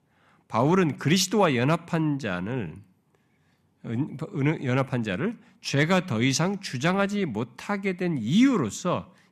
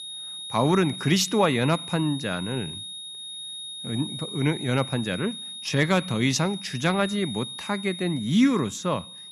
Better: first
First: none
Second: high-pitched whine; loud; throughout; 3.5 kHz, 10 dB below the speech

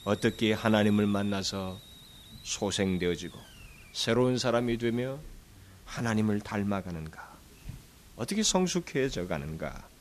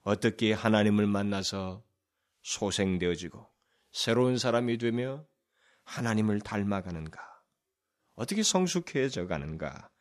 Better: second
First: hiss; faint; throughout; 20 dB below the speech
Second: none

